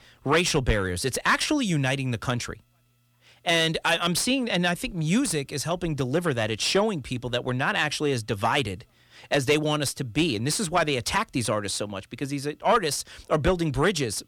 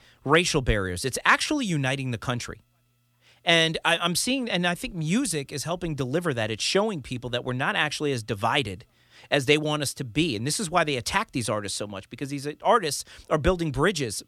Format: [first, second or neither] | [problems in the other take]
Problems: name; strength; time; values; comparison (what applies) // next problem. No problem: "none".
second | distortion; slight; 10 dB below the speech